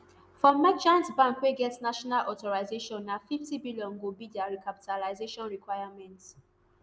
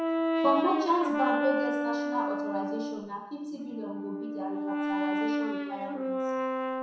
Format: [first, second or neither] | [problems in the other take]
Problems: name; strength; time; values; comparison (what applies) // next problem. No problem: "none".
first | background sound (Brass instrument); 2 dB above the speech // room echo; dies away in 0.7 s